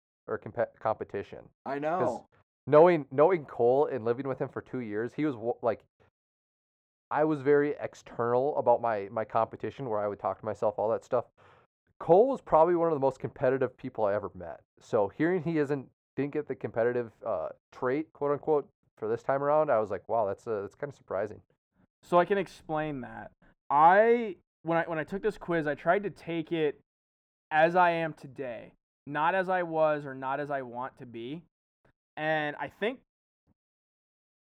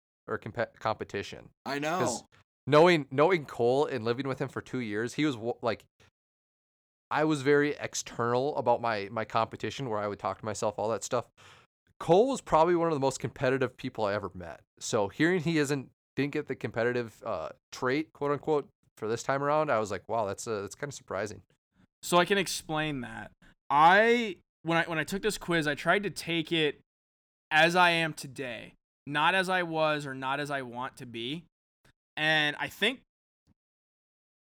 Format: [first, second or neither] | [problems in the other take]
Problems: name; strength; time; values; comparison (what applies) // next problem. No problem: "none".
second | muffled; very; fading above 3 kHz